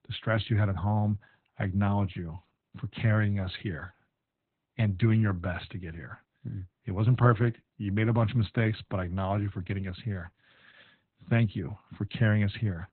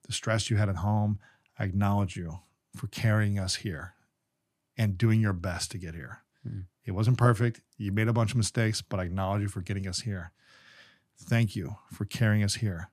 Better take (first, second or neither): second